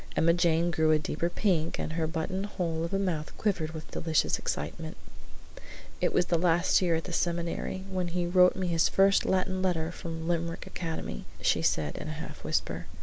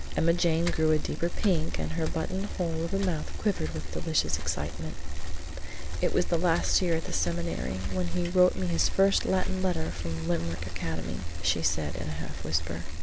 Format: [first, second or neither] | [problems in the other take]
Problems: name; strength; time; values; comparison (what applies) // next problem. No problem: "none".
first | background sound (Bicycle); 10 dB below the speech